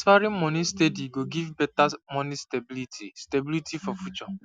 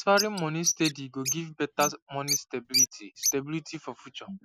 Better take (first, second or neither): first